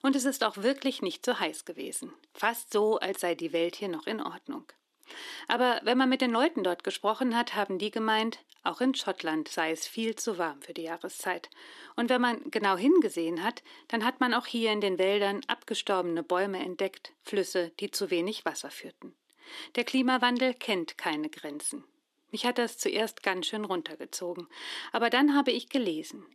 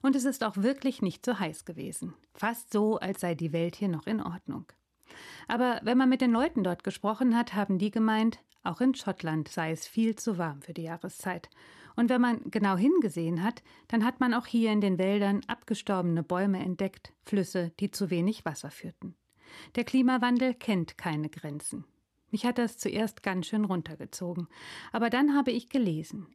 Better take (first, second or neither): second